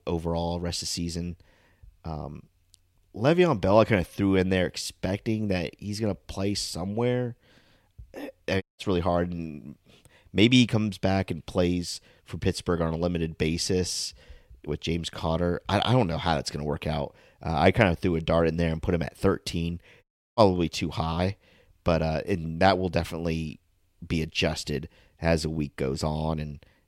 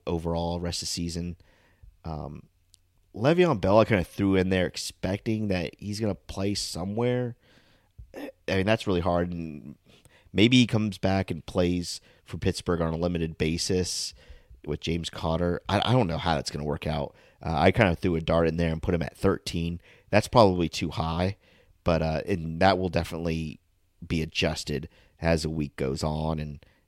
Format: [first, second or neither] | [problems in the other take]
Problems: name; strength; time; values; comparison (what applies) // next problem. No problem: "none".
second | audio cutting out; at 8.5 s and at 20 s